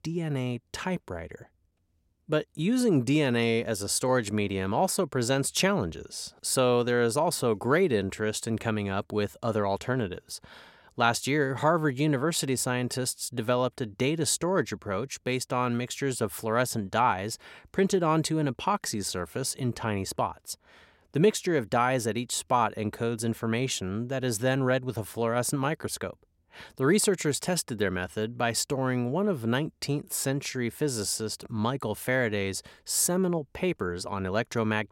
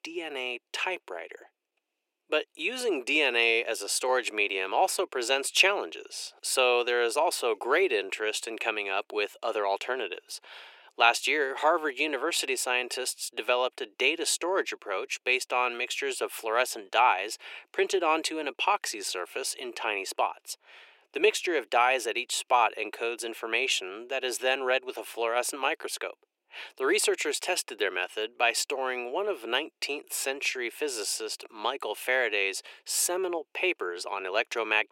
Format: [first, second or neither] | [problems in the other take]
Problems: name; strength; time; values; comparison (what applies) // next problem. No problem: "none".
first | thin; very; fading below 350 Hz